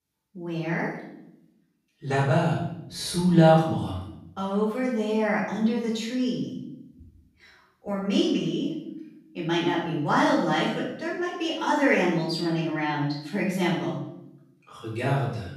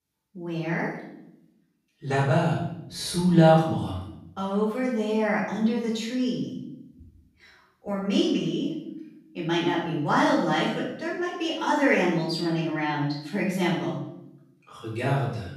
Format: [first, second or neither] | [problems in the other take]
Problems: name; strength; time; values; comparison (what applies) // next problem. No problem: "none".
neither | room echo; noticeable; dies away in 0.7 s; the same in both // off-mic speech; far; the same in both